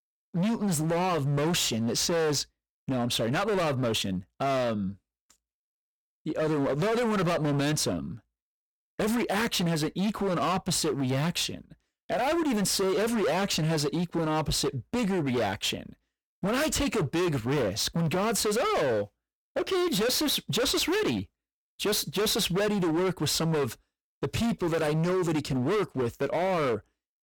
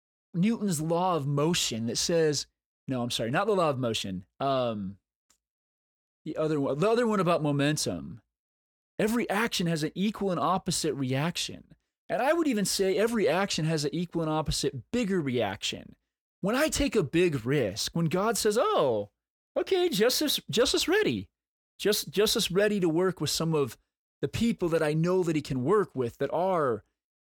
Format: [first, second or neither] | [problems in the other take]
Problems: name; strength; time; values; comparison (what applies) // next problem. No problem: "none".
second | distortion; heavy; 26% of the sound clipped